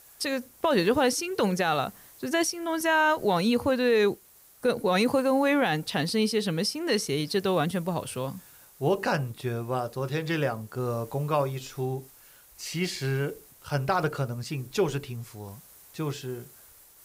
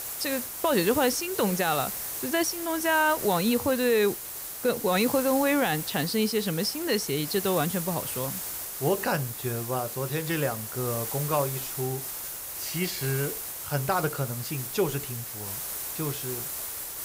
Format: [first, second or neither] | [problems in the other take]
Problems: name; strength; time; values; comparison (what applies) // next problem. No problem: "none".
first | hiss; loud; throughout; 5 dB below the speech; faint in the first